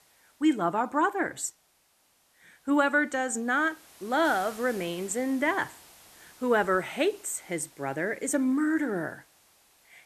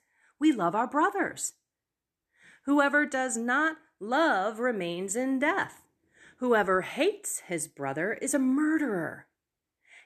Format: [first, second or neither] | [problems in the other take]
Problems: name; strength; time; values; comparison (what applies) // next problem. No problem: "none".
second | hiss; faint; throughout; 25 dB below the speech